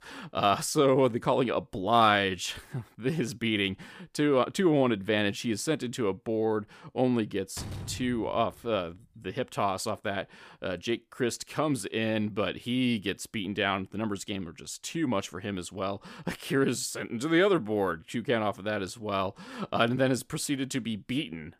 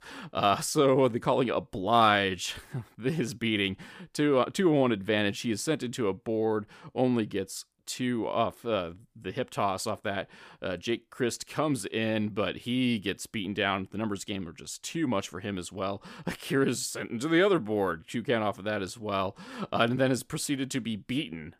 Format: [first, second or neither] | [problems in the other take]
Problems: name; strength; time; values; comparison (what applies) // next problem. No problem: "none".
second | door banging; faint; from 7.5 to 8.5 s; peak 10 dB below the speech